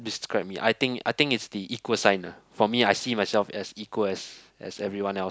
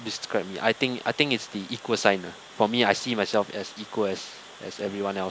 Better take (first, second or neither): first